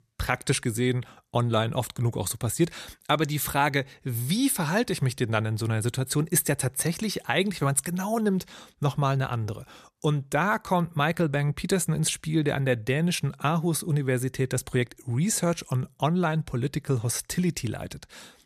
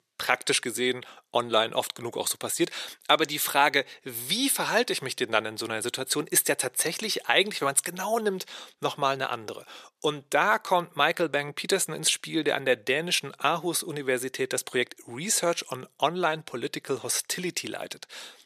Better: first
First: none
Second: thin; somewhat; fading below 450 Hz

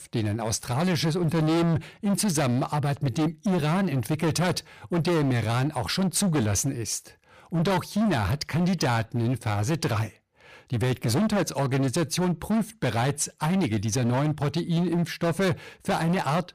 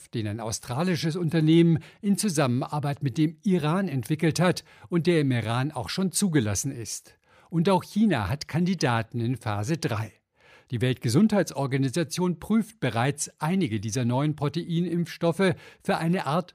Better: second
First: distortion; heavy; 22% of the sound clipped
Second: none

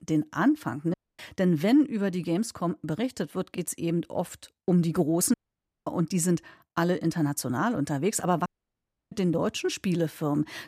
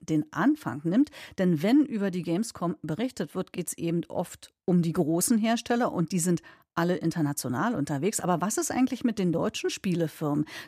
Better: second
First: audio cutting out; at 1 s, at 5.5 s for 0.5 s and at 8.5 s for 0.5 s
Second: none

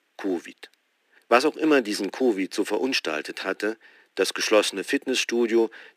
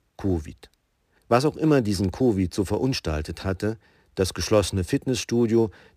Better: second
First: thin; somewhat; fading below 250 Hz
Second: none

